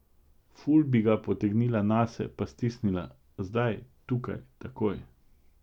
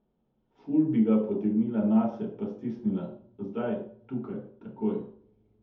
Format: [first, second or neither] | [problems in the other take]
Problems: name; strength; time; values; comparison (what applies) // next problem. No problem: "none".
first | room echo; dies away in 0.6 s